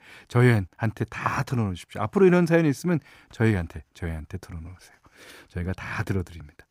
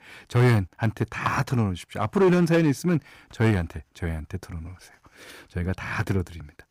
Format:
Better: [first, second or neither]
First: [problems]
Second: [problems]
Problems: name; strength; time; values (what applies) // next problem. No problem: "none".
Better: first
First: none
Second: distortion; slight; 3% of the sound clipped